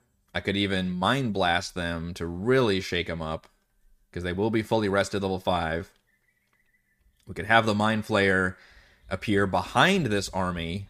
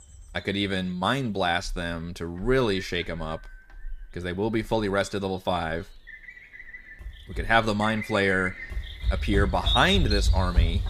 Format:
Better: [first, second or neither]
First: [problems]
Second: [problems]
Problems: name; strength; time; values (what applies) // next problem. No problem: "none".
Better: first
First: animal sounds; faint; throughout; 30 dB below the speech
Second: animal sounds; loud; throughout; 3 dB below the speech